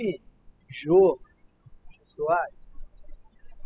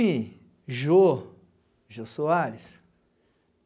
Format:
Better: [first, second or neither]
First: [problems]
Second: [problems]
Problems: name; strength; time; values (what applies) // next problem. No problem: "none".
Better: second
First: noise reduction (classical method spectral subtraction)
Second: none